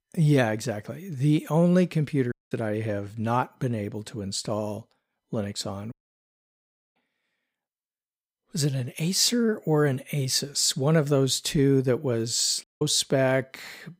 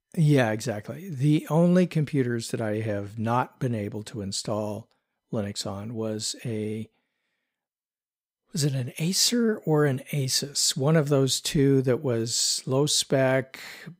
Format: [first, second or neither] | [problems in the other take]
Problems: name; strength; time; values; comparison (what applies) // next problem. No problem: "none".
second | audio cutting out; at 2.5 s, at 6 s for 1 s and at 13 s